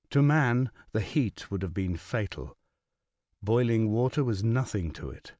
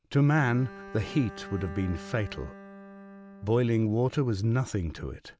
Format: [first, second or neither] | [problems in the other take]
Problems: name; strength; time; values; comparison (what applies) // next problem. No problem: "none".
first | background sound (Bowed string instrument); 18 dB below the speech